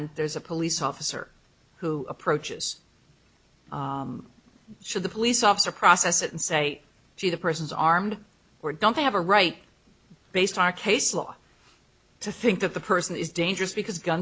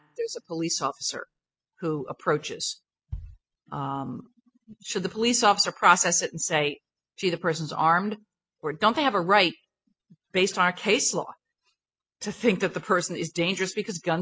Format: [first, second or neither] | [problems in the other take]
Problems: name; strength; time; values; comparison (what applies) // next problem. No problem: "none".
first | noise reduction (classical method spectral subtraction)